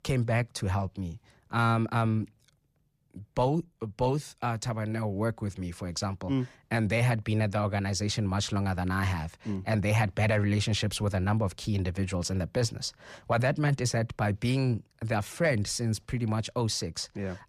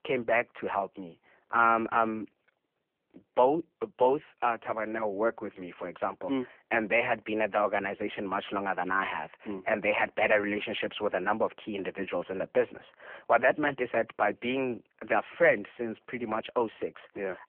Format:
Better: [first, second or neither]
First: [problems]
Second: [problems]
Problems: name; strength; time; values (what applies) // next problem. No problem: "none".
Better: first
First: none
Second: phone-call audio; poor line